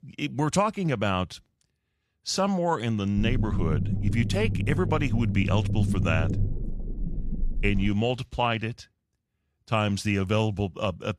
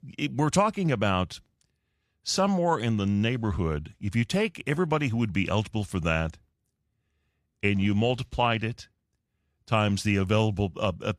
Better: second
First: low rumble; noticeable; from 3 to 8 s; 10 dB below the speech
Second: none

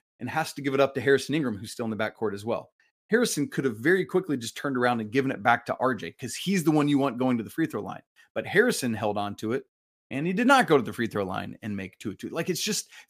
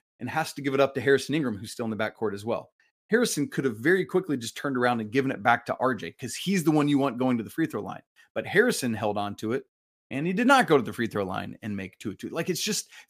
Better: neither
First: none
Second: none

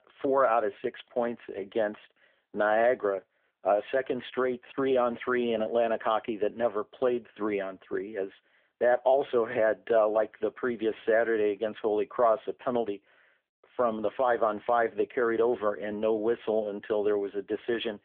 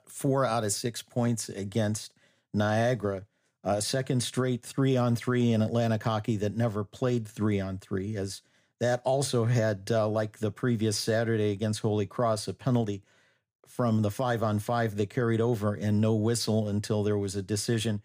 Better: second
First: phone-call audio; nothing above 3.5 kHz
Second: none

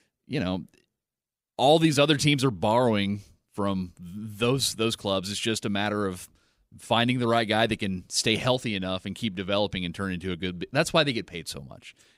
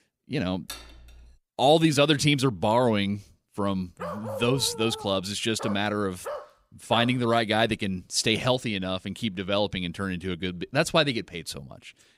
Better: first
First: none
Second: clattering dishes; faint; at 0.5 s; peak 15 dB below the speech // dog barking; noticeable; from 4 to 7 s; peak 10 dB below the speech

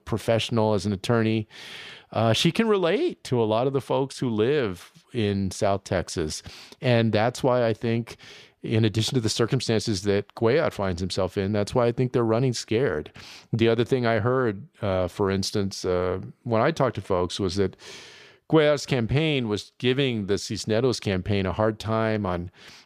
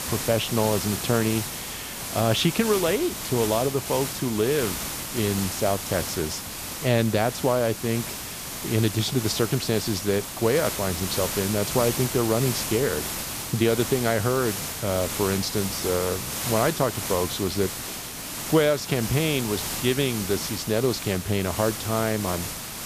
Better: first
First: none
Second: hiss; loud; throughout; 5 dB below the speech

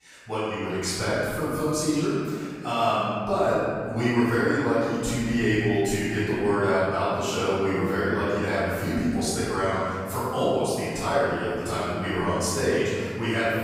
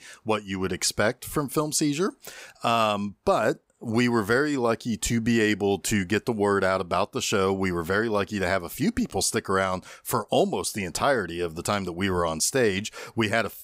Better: second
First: off-mic speech; far // room echo; strong; dies away in 2.2 s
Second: none

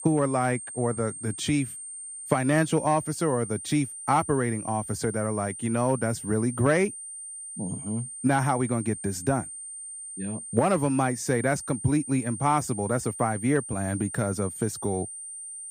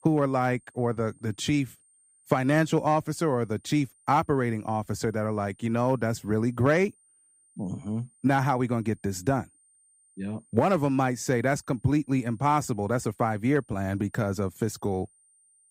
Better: second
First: high-pitched whine; loud; throughout; 9 kHz, 9 dB below the speech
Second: high-pitched whine; faint; throughout; 9 kHz, 35 dB below the speech

